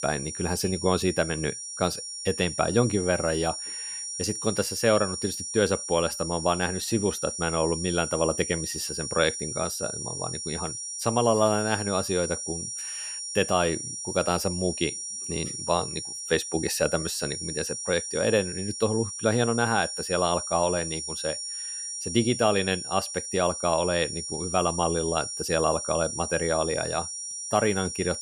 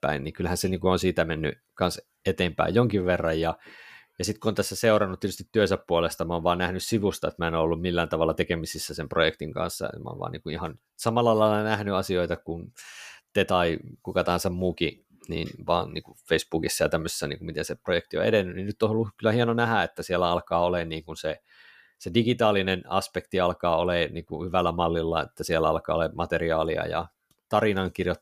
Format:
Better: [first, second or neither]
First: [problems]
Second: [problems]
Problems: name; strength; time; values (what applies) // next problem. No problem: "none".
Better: second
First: high-pitched whine; loud; throughout; 5.5 kHz, 5 dB below the speech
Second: none